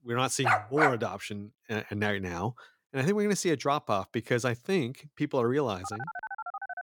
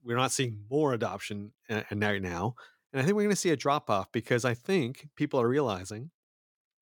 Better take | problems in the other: second | dog barking; loud; at 0.5 s; peak 5 dB above the speech // phone ringing; noticeable; at 6 s; peak 8 dB below the speech

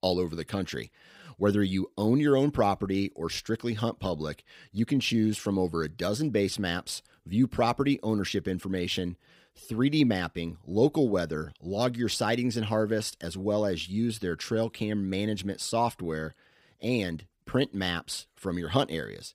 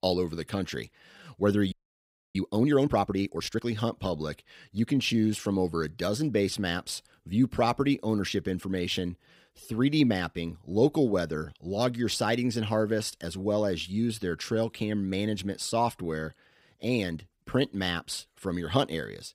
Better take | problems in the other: first | audio freezing; at 1.5 s for 0.5 s

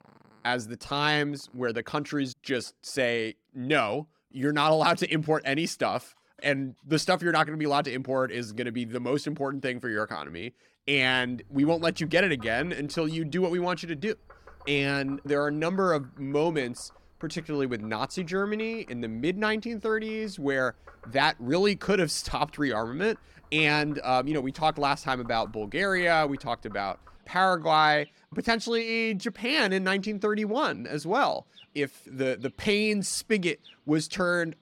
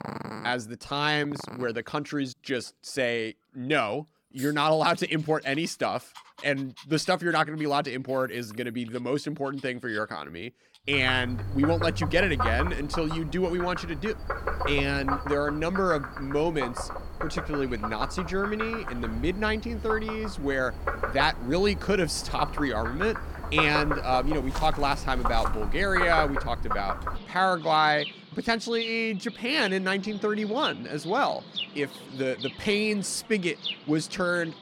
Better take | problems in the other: first | animal sounds; loud; throughout; 7 dB below the speech; faint in the first

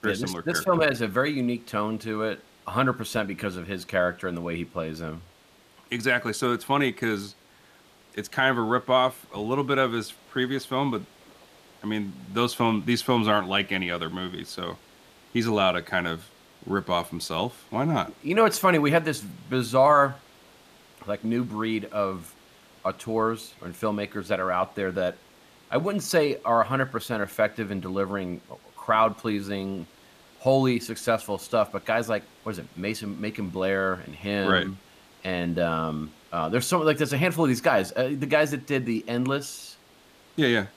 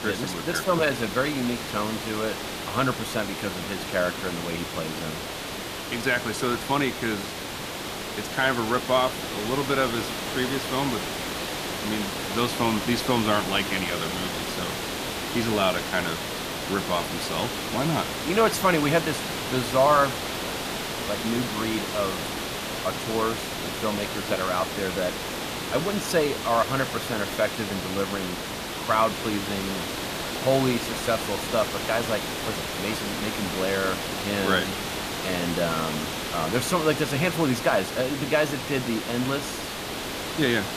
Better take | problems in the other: first | hiss; loud; throughout; 3 dB below the speech; faint in the first

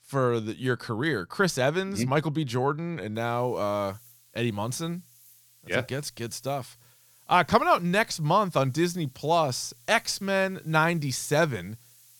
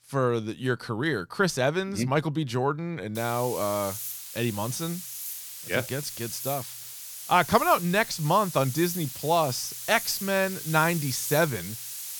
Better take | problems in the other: first | hiss; loud; from 3 s on; 8 dB below the speech; faint in the first

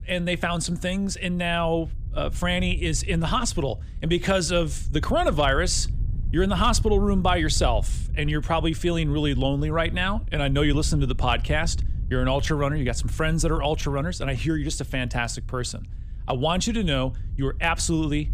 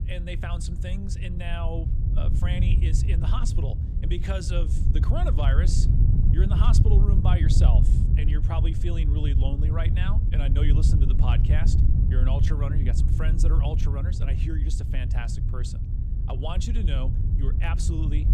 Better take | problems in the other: first | wind noise on the microphone; heavy; 3 dB below the speech; occasional gusts in the first

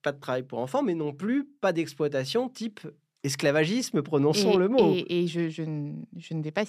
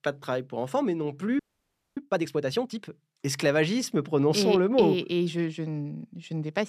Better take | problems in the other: first | audio freezing; at 1.5 s for 0.5 s

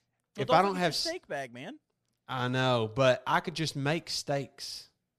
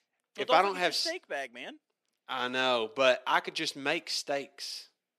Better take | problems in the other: first | thin; somewhat; fading below 300 Hz

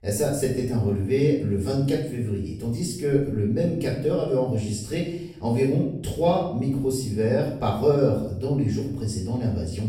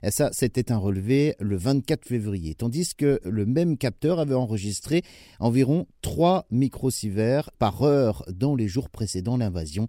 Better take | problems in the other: second | room echo; noticeable; dies away in 0.6 s // off-mic speech; far

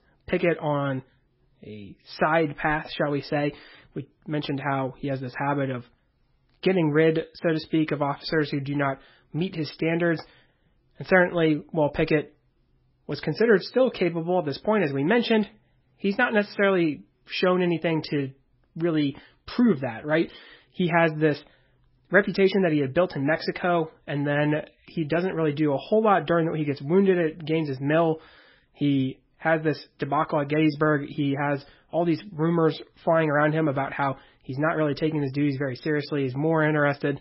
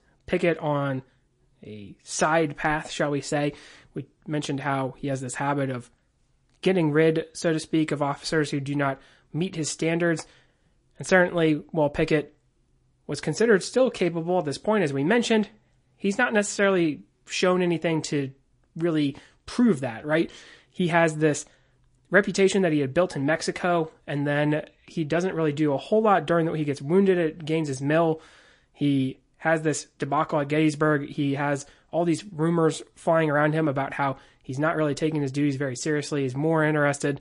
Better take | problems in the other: second | garbled, watery; badly; nothing above 5.5 kHz; slightly in the second

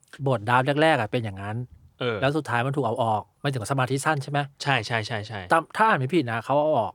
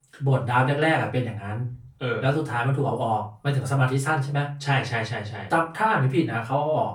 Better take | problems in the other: first | off-mic speech; far // room echo; very slight; dies away in 0.3 s

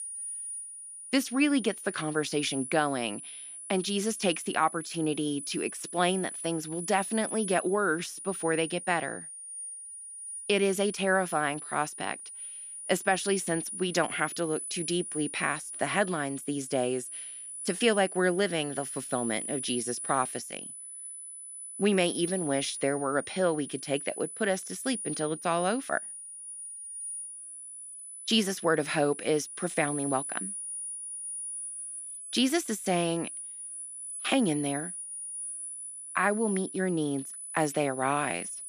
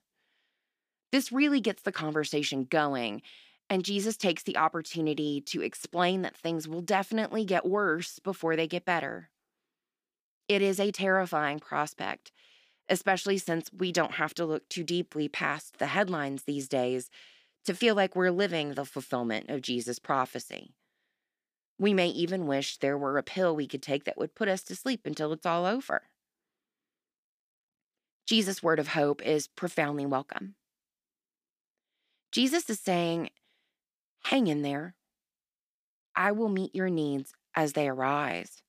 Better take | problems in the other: second | high-pitched whine; loud; throughout; 10 kHz, 8 dB below the speech

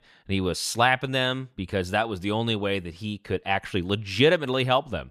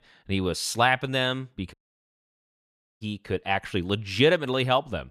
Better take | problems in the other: first | audio cutting out; at 1.5 s for 1.5 s

